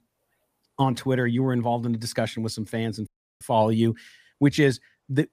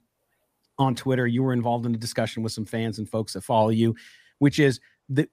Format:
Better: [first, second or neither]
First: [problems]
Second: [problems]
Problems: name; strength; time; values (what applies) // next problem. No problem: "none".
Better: second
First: audio cutting out; at 3 s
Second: none